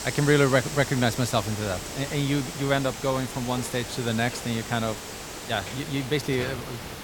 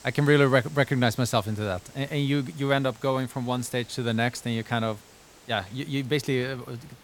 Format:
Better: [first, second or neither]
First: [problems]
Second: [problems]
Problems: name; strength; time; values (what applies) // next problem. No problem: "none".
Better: second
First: hiss; loud; throughout; 8 dB below the speech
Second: hiss; faint; throughout; 25 dB below the speech